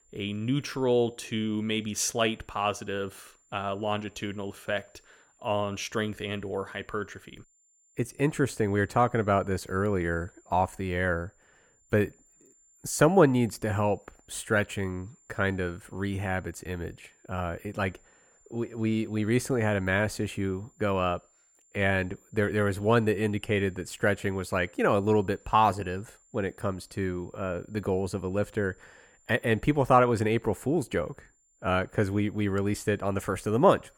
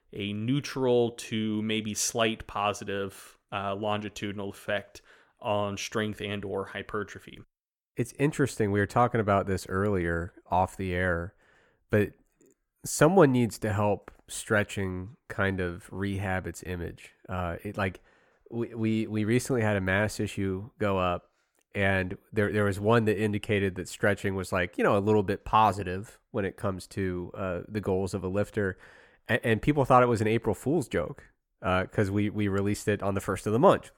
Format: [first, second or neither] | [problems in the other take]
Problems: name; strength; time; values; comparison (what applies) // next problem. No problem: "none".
second | high-pitched whine; faint; throughout; 7 kHz, 35 dB below the speech